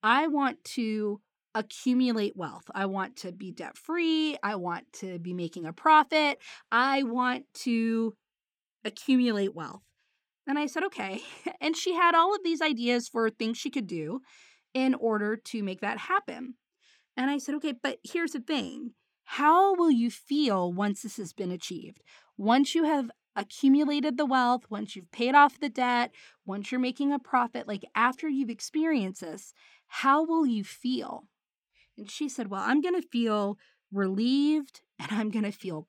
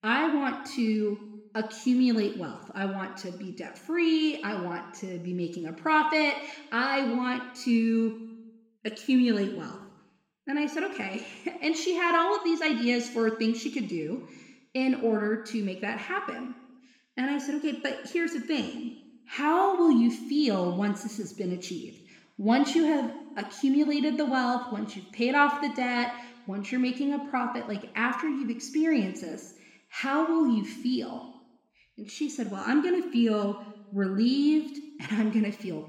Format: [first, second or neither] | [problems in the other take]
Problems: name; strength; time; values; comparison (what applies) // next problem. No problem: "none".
first | room echo; slight; dies away in 0.9 s